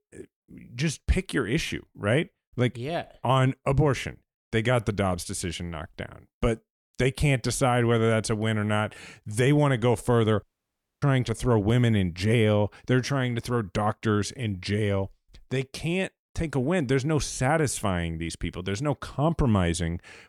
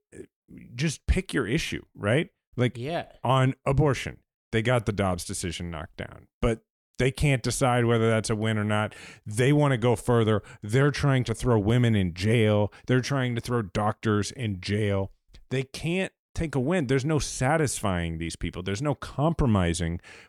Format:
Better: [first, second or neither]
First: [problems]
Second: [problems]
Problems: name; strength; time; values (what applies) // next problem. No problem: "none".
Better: second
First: audio cutting out; at 10 s for 0.5 s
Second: none